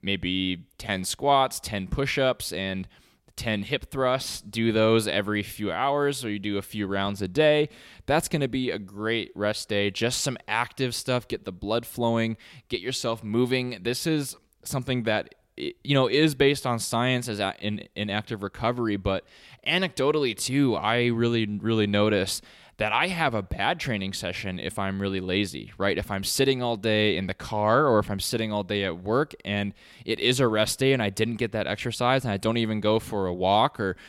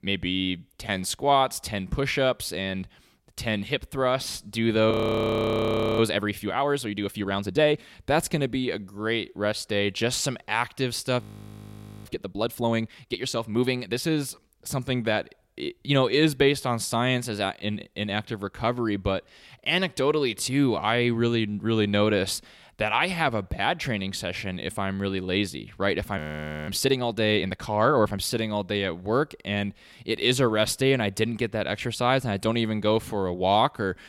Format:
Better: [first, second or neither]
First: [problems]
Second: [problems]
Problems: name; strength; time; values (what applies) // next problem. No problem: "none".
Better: first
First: none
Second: audio freezing; at 5 s for 1 s, at 11 s for 1 s and at 26 s for 0.5 s